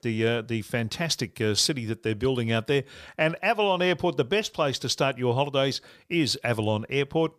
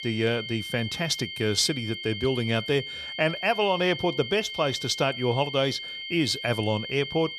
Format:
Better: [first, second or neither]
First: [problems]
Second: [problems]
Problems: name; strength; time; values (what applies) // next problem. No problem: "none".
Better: first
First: none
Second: high-pitched whine; loud; throughout; 3 kHz, 7 dB below the speech